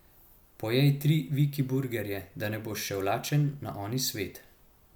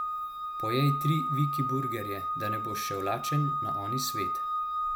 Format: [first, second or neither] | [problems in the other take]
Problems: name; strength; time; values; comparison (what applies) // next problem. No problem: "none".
first | background sound (Organ); as loud as the speech